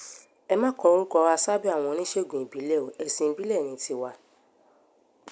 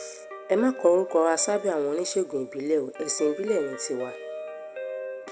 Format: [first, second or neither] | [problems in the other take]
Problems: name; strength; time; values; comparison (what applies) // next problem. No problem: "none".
first | background sound (Guitar); 12 dB below the speech // room echo; dies away in 0.7 s